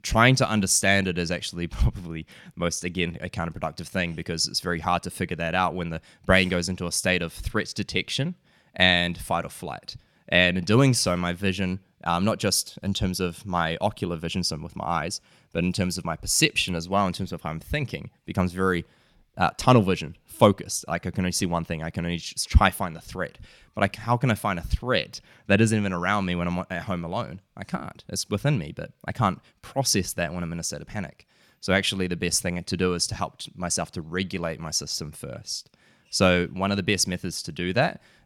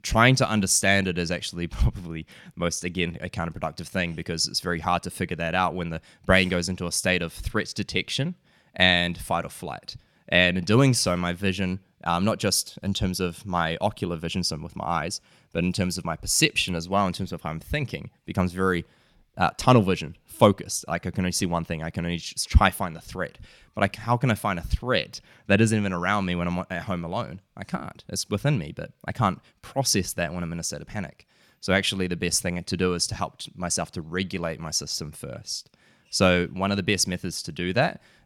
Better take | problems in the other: neither | none

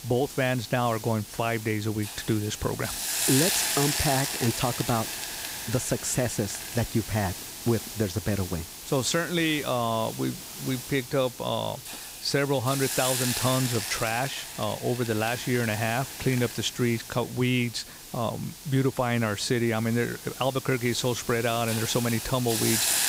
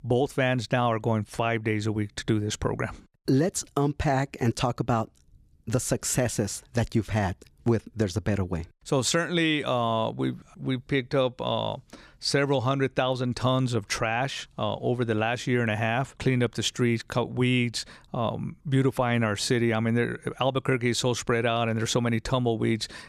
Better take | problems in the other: second | hiss; loud; throughout; 4 dB below the speech

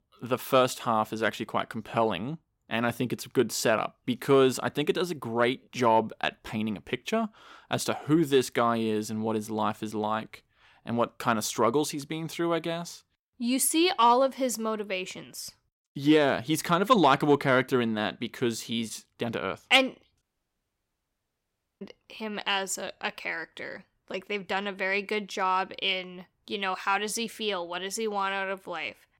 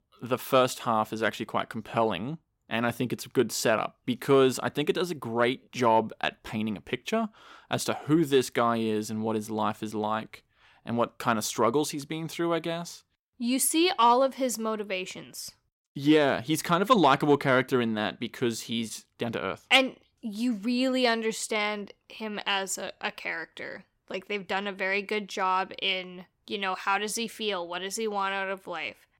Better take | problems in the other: second | audio cutting out; at 20 s for 1.5 s

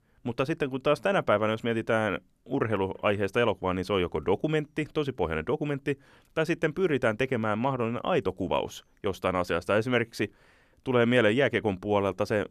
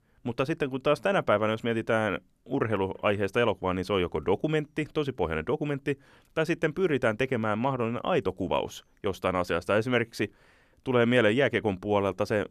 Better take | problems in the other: neither | none

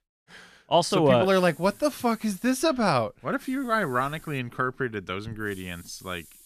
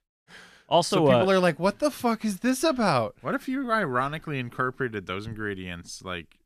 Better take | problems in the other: second | hiss; faint; from 1 to 2.5 s, at 3.5 s and from 5.5 s on; 25 dB below the speech

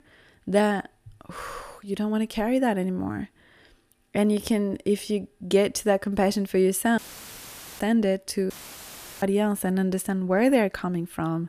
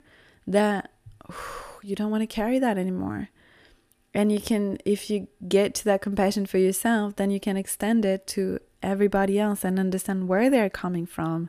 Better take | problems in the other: second | audio cutting out; filled with static; at 7 s for 1 s and at 8.5 s for 0.5 s

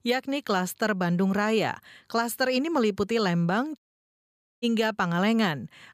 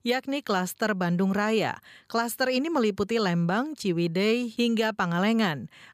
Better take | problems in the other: second | audio cutting out; at 4 s for 1 s

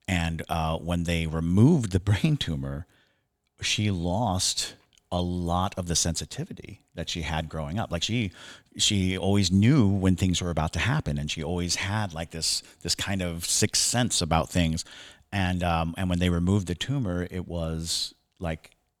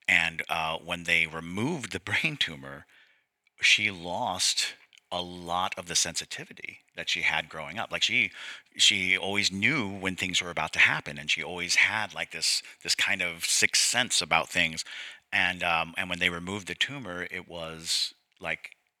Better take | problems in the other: first | thin; somewhat; fading below 650 Hz

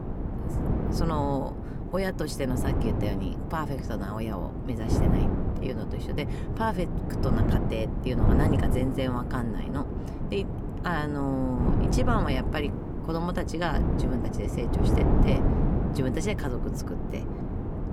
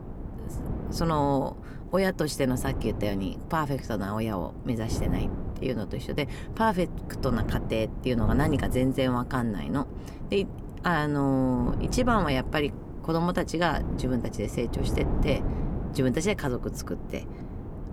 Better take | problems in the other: second | wind noise on the microphone; heavy; 3 dB below the speech; occasional gusts in the second

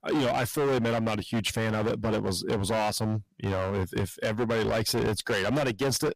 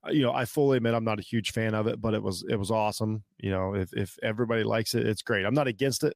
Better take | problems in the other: second | distortion; heavy; 24% of the sound clipped

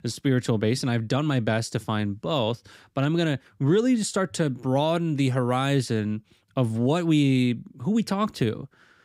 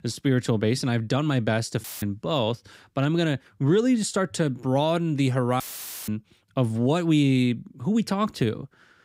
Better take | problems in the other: first | audio cutting out; filled with static; at 2 s and at 5.5 s

